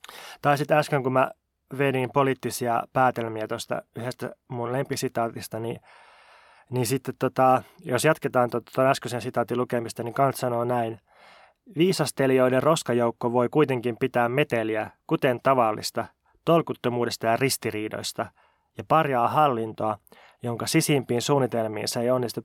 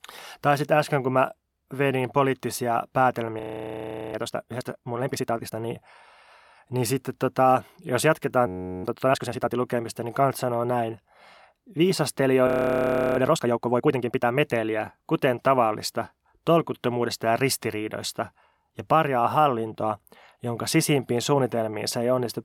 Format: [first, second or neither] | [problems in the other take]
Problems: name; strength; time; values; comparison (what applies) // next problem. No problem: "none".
first | audio freezing; at 3.5 s for 0.5 s, at 8.5 s and at 12 s for 0.5 s